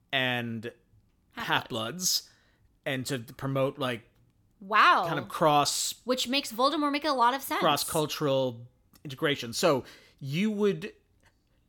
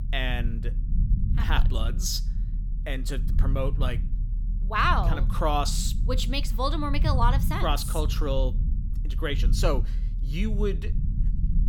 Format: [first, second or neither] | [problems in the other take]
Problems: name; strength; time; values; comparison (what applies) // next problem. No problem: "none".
first | low rumble; noticeable; throughout; 15 dB below the speech